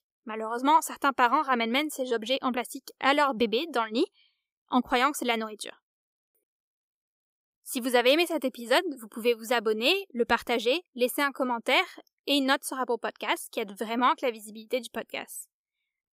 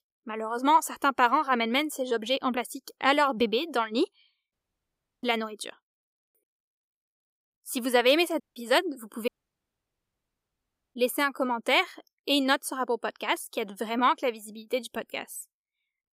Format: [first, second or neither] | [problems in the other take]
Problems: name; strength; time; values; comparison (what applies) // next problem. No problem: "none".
first | audio cutting out; at 4.5 s for 0.5 s, at 8.5 s and at 9.5 s for 1.5 s